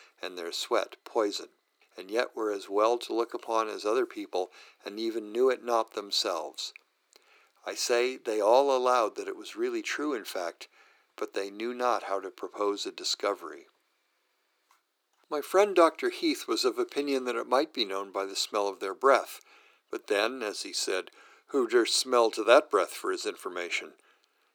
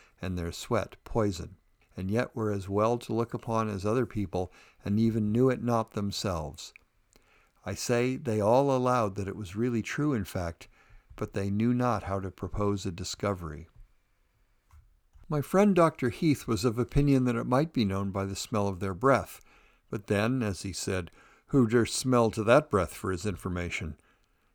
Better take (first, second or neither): second